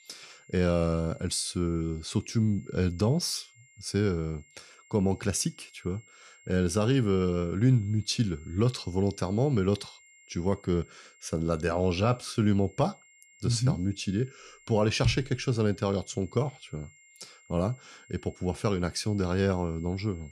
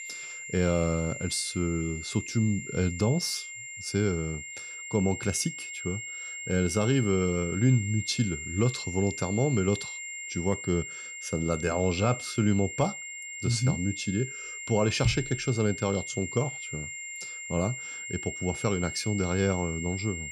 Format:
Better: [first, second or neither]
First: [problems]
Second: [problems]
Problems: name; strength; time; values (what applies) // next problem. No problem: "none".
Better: first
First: high-pitched whine; faint; throughout; 2 kHz, 25 dB below the speech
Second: high-pitched whine; loud; throughout; 2 kHz, 8 dB below the speech